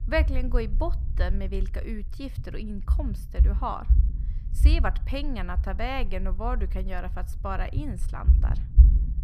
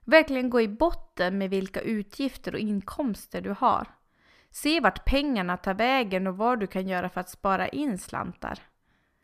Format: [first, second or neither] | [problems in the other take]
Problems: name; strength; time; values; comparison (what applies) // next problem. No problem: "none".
second | low rumble; noticeable; throughout; 10 dB below the speech